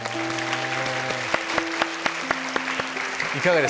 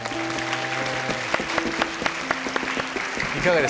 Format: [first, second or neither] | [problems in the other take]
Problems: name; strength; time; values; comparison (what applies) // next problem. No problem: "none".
first | background sound (Fire / Fireworks); 11 dB below the speech